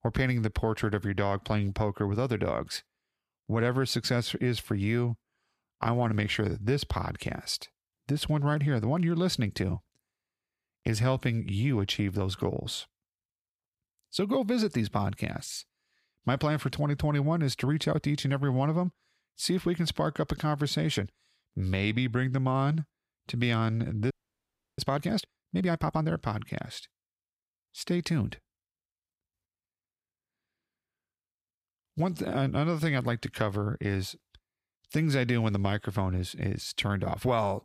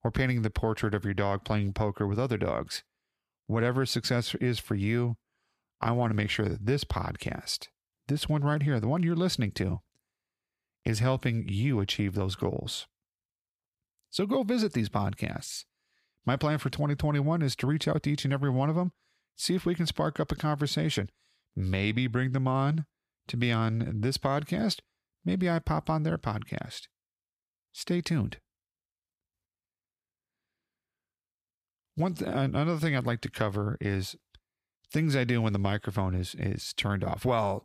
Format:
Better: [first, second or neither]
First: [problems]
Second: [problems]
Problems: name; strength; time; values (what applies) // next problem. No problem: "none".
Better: second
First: audio freezing; at 24 s for 0.5 s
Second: none